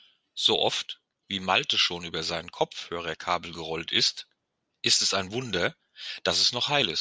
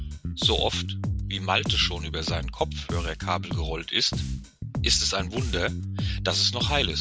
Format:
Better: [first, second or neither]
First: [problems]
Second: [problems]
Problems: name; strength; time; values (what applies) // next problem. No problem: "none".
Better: first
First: none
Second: background sound (Bass guitar); 2 dB below the speech